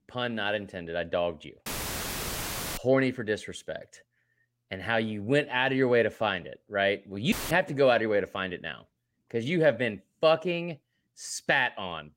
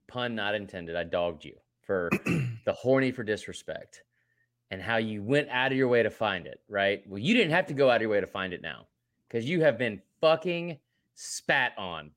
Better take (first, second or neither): second